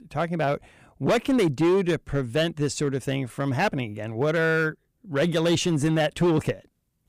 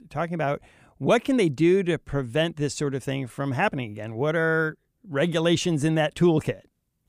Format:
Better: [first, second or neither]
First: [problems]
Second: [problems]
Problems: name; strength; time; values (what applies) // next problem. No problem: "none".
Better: second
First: distortion; slight; 7% of the sound clipped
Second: none